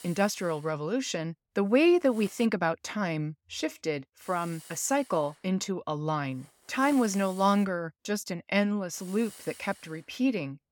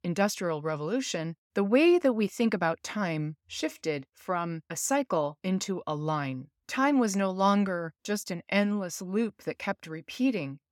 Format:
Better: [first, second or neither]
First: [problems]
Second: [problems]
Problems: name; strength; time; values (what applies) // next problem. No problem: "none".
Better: second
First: hiss; faint; until 2.5 s, from 4 to 7.5 s and from 9 s on; 20 dB below the speech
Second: none